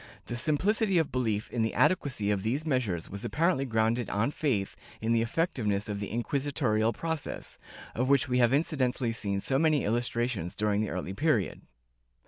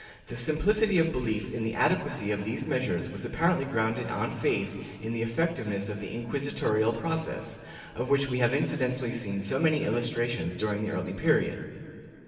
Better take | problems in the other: first | room echo; dies away in 2.4 s

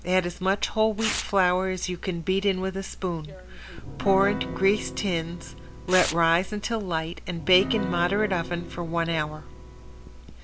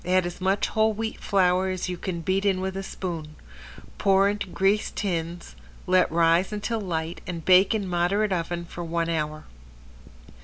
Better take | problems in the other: second | background sound (Piano + Tearing); 11 dB below the speech

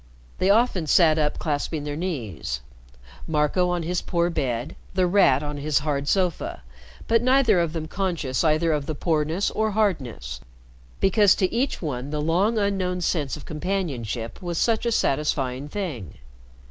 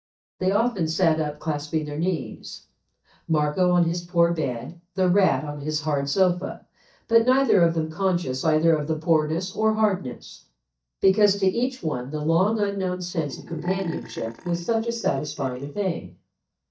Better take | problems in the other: first | noise reduction (neural mask model DeepFilterNet 3)

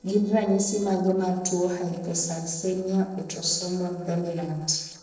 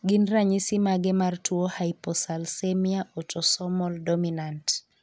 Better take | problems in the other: second | noise reduction (neural separator model SepFormer DNS4)

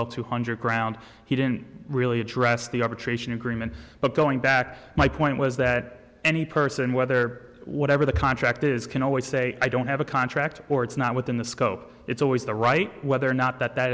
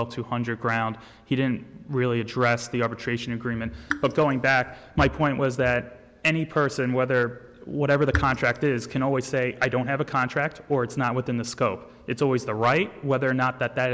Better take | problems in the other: first | background sound (Raindrop / Drip); 11 dB below the speech

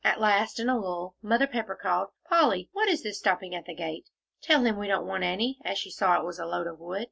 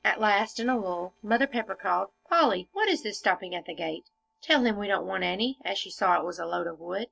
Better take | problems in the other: first | noise reduction (neural separator model SepFormer DNS4)

